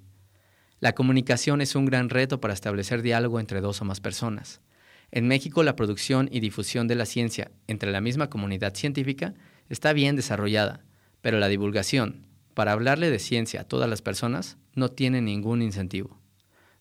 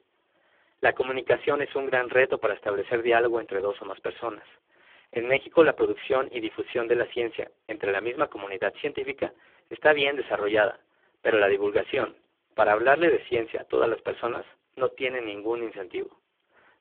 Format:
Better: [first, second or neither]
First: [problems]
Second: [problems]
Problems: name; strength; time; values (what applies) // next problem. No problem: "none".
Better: first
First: none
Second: phone-call audio; poor line